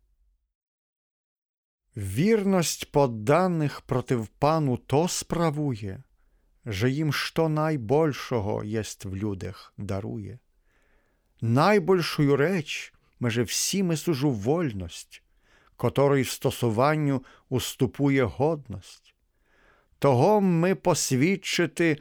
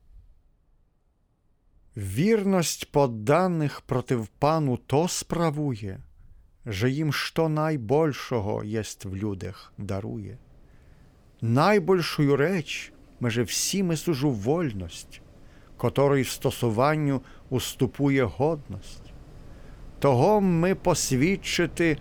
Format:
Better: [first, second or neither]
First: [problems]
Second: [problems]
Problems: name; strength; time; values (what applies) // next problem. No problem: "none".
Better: first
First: none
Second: wind in the background; faint; throughout; 25 dB below the speech